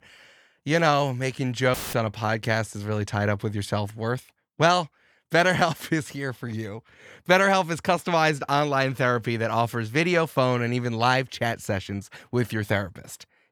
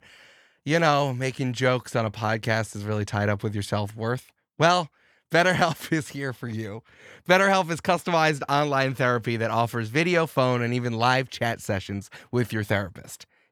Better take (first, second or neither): second